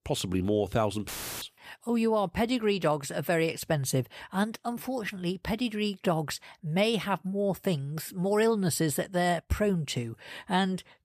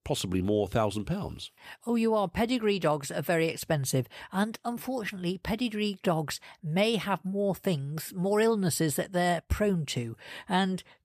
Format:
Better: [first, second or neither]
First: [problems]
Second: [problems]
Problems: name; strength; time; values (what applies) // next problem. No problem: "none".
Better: second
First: audio cutting out; filled with static; at 1 s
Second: none